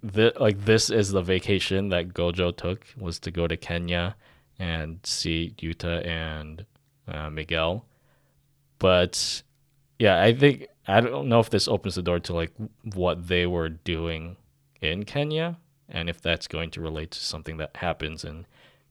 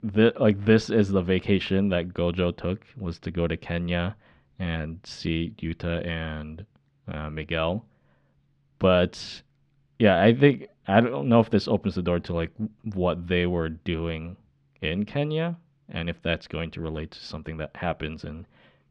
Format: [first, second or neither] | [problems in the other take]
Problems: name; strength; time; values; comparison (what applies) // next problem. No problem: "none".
first | muffled; slightly; fading above 3 kHz